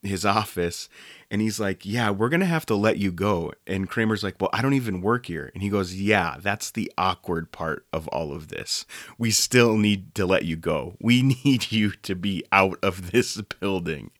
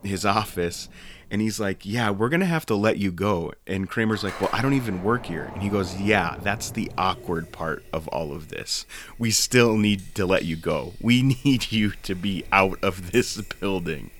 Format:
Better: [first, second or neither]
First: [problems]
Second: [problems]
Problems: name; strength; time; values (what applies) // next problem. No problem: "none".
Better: first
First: none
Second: household noises; noticeable; throughout; 20 dB below the speech